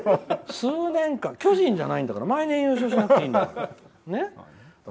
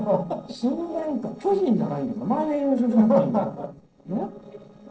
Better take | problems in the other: first | noise reduction (neural separator model SepFormer DNS4)

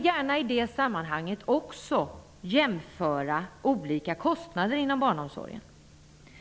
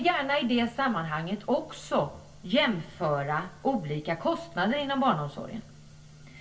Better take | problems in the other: first | room echo; dies away in 0.2 s

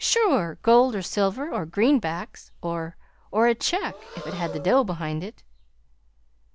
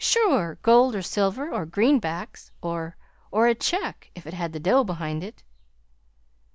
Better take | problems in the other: second | background sound (Breathing); 18 dB below the speech

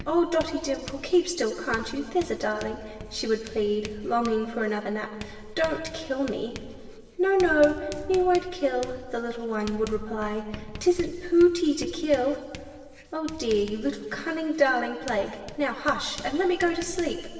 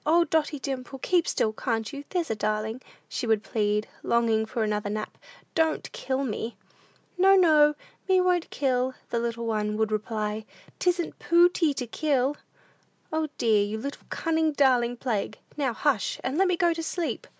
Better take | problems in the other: second | background sound (Writing); 15 dB below the speech // room echo; dies away in 1.9 s

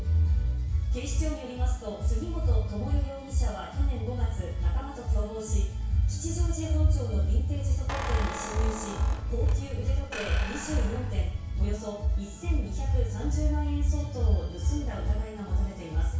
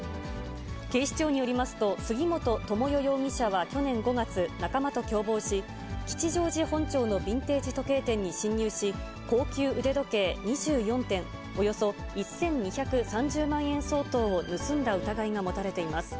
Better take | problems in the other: second | background sound (Squeak); 12 dB below the speech // room echo; dies away in 0.6 s

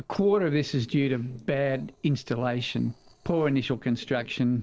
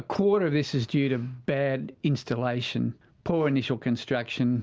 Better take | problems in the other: second | noise reduction (neural separator model SepFormer DNS4)

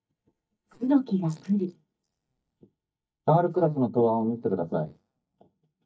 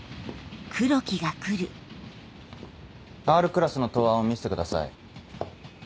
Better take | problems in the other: second | noise reduction (neural mask model DeepFilterNet 3)

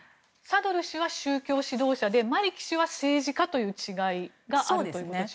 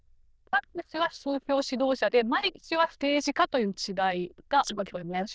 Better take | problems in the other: first | noise reduction (neural diffusion model UNIVERSE++)

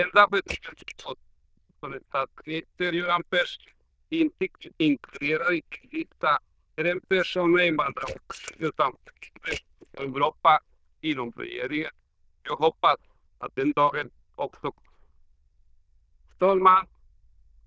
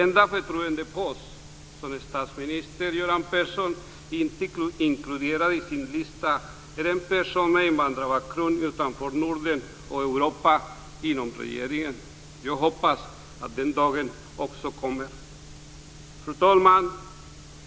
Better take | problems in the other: second | noise reduction (neural diffusion model UNIVERSE++)

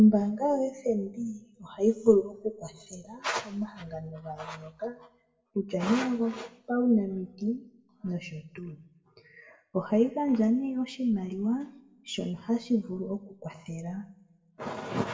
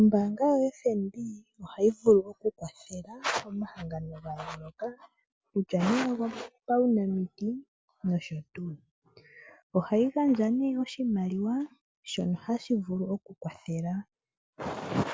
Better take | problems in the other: second | room echo; dies away in 0.6 s

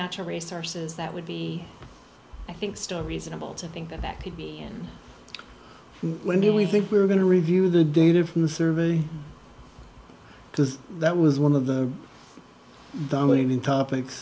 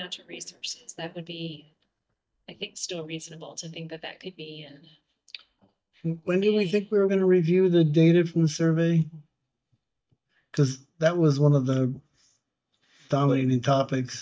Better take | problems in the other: first | noise reduction (neural mask model DeepFilterNet 3)

